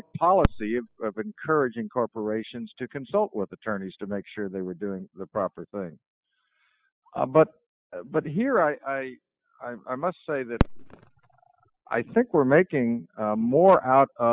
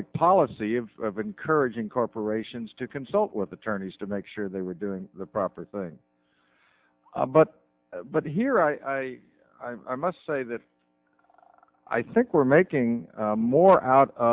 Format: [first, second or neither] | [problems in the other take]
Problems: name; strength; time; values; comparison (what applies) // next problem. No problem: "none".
second | noise reduction (classical method spectral subtraction)